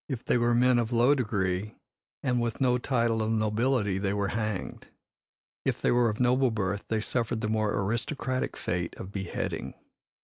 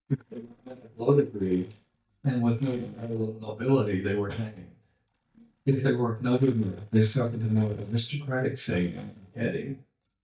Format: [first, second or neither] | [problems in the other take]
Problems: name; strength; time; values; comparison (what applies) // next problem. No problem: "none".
first | noise reduction (neural mask model DeepFilterNet 3)